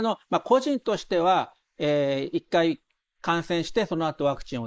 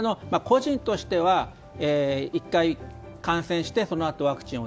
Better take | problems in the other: second | noise reduction (neural mask model Resemble Enhance denoiser)

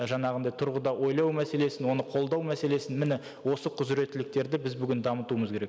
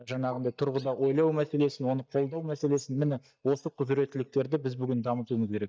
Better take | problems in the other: first | noise reduction (neural mask model DeepFilterNet 3)

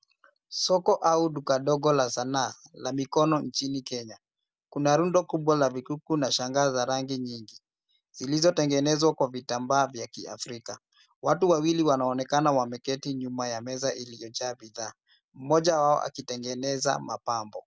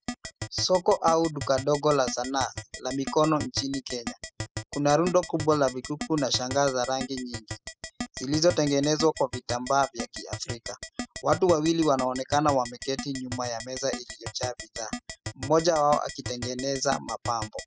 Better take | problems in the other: first | noise reduction (classical method spectral subtraction)

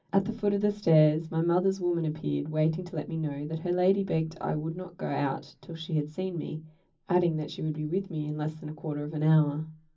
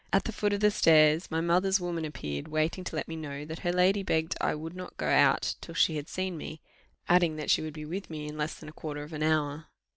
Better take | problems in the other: second | room echo; dies away in 0.4 s

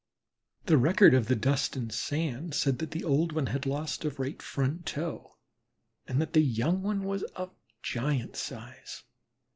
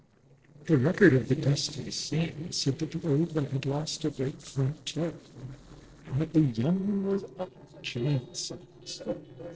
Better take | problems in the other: first | noise reduction (neural separator model SepFormer DNS4)

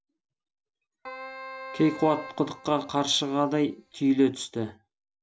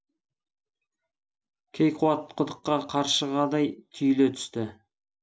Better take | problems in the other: second | background sound (Keyboard (musical)); 14 dB below the speech

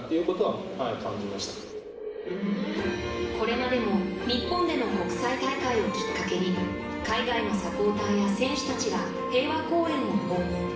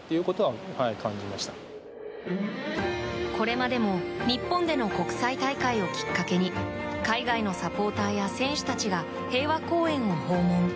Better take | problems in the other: second | room echo; dies away in 0.7 s

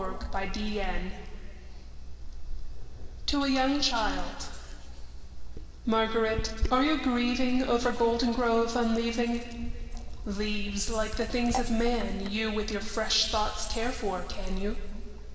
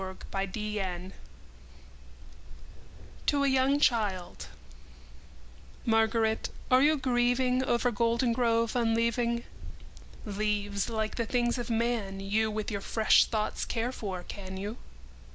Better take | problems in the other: second | background sound (Sink (filling or washing)); 14 dB below the speech // room echo; dies away in 2.5 s

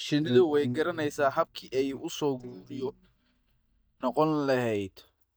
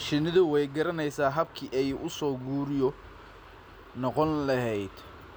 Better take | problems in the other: second | noise reduction (neural mask model DeepFilterNet 3)

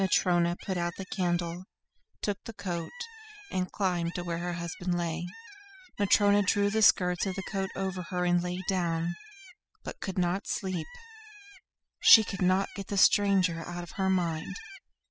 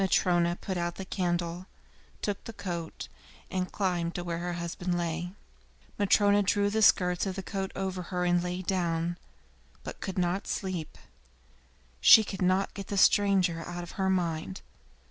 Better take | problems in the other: second | noise reduction (classical method spectral subtraction)

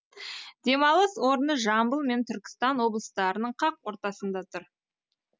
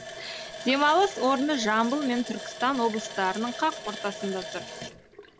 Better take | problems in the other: first | background sound (Water tap, faucet); 11 dB below the speech

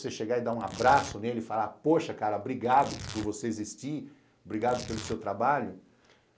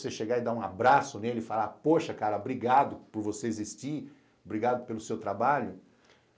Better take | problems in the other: second | background sound (Tearing); 16 dB below the speech

